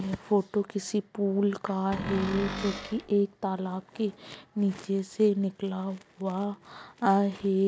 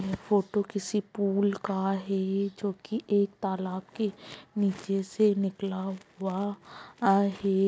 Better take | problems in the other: second | background sound (Cupboard open or close); 7 dB below the speech

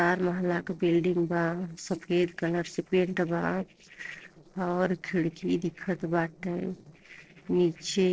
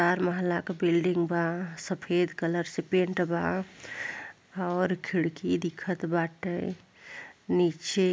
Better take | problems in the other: second | noise reduction (neural separator model SepFormer DNS4)

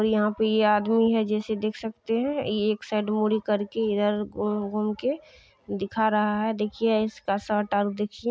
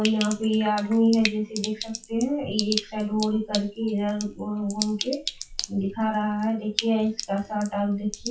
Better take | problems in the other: first | noise reduction (classical method WPE with log-MMSE)

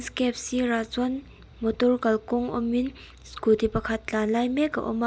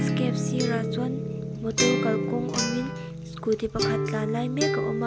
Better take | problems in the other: first | background sound (Acoustic guitar / Strum + Acoustic guitar); 3 dB above the speech

